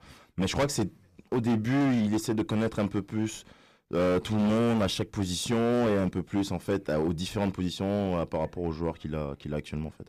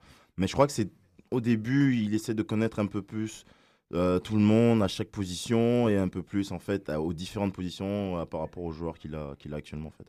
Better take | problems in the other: second | distortion; heavy; 12% of the sound clipped

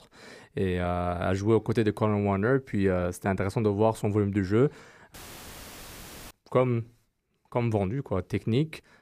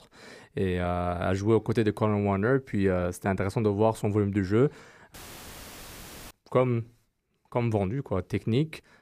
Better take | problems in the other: neither | audio cutting out; filled with static; at 5 s for 1 s; the same in both

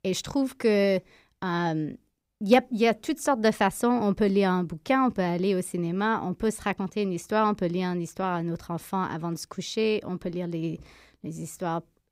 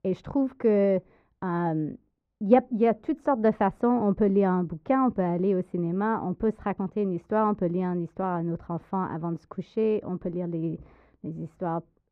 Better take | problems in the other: first | muffled; very; fading above 3 kHz

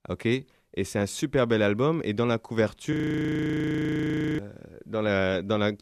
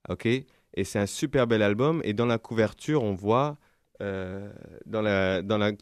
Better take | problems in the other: second | audio freezing; at 3 s for 1.5 s

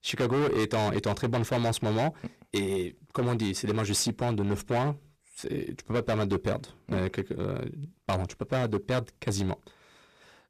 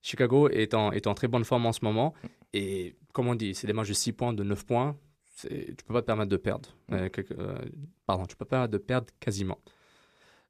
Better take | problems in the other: second | distortion; heavy; 14% of the sound clipped

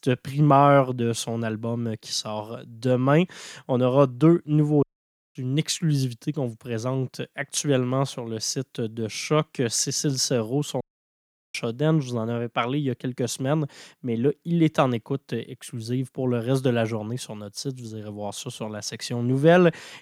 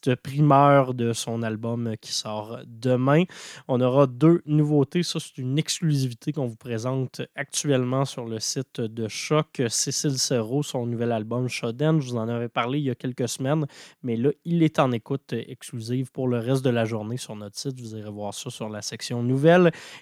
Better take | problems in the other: second | audio cutting out; at 5 s for 0.5 s and at 11 s for 0.5 s

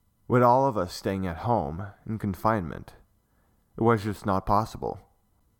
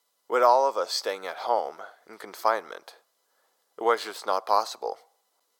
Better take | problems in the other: first | thin; very; fading below 500 Hz

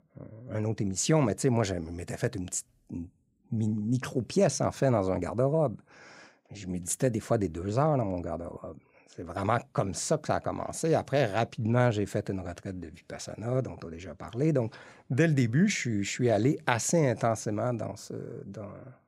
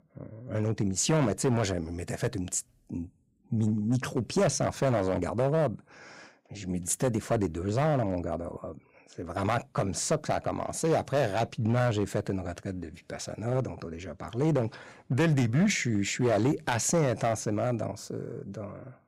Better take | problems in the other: first | distortion; slight; 5% of the sound clipped

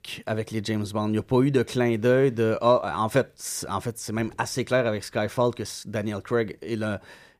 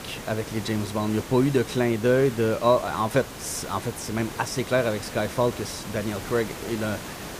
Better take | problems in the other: first | hiss; noticeable; throughout; 10 dB below the speech

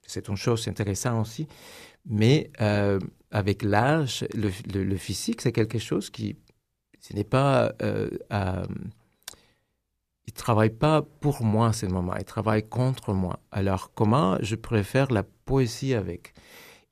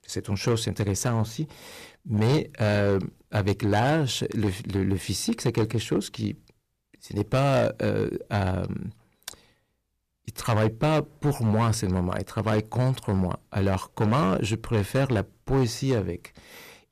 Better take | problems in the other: first | distortion; slight; 7% of the sound clipped

